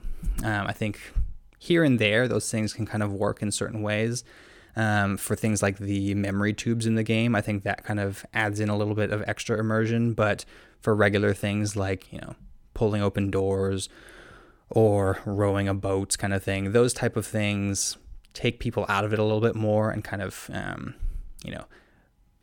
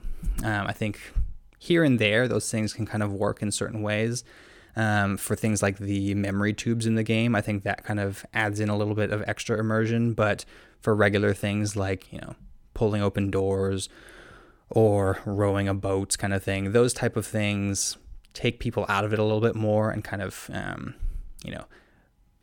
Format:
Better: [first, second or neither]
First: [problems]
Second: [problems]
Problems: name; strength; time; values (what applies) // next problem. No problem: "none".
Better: neither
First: none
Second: none